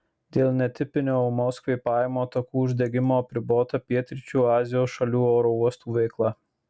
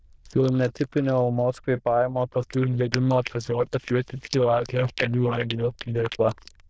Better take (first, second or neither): first